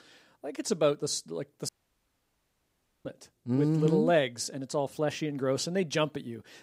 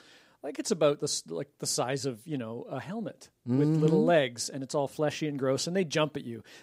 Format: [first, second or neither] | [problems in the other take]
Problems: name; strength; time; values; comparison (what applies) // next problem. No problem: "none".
second | audio cutting out; at 1.5 s for 1.5 s